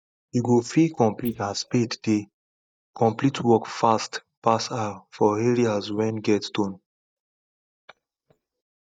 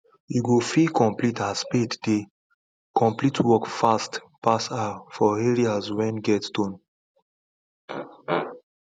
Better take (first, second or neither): second